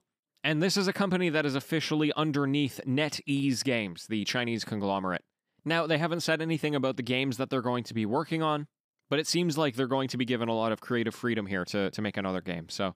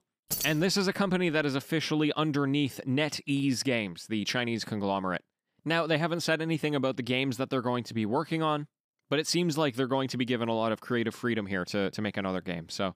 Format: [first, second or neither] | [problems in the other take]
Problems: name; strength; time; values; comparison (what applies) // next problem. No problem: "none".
first | jangling keys; noticeable; at 0.5 s; peak 3 dB below the speech